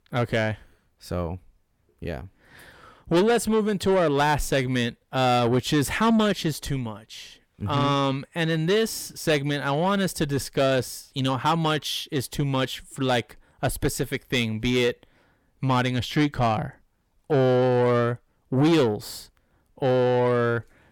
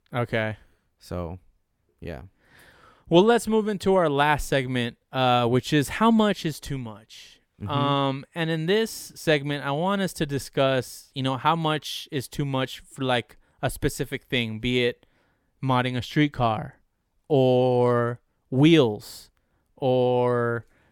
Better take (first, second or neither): second